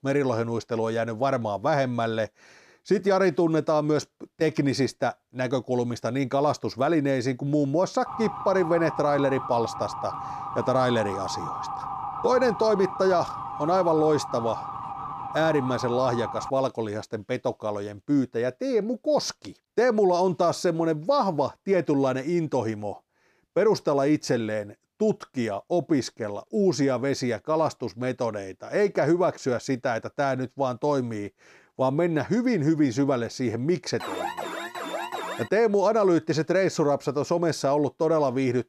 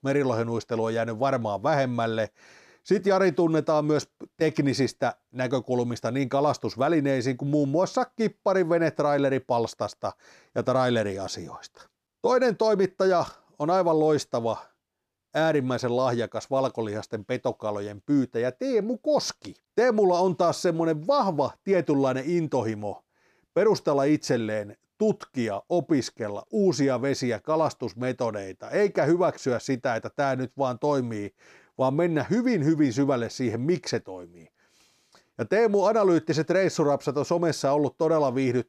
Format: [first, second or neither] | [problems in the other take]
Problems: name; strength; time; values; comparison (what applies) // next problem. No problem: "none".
second | siren; noticeable; from 8 to 17 s; peak 7 dB below the speech // alarm; noticeable; from 34 to 35 s; peak 6 dB below the speech